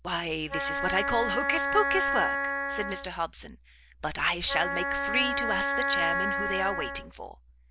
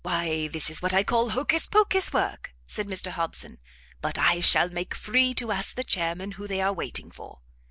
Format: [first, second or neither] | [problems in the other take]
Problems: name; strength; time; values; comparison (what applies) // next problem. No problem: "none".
second | background sound (Wind instrument, woodwind instrument); 1 dB above the speech